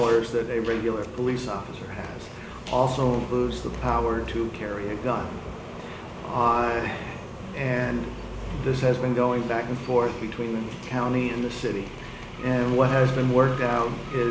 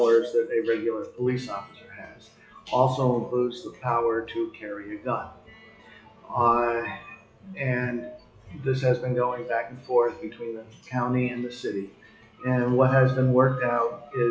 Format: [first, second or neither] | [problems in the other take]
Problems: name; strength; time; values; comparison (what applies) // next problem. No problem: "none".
first | noise reduction (classical method WPE with log-MMSE)